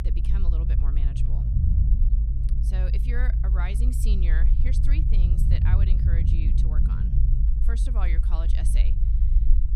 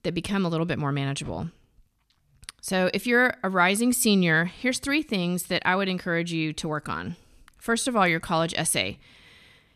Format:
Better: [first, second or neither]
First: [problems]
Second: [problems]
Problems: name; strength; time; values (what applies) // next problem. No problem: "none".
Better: second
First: low rumble; loud; throughout; 1 dB below the speech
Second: none